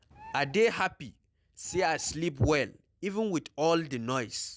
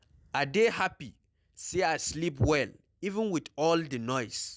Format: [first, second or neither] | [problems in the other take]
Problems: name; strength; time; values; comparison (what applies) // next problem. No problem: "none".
second | background sound (Bird); 19 dB below the speech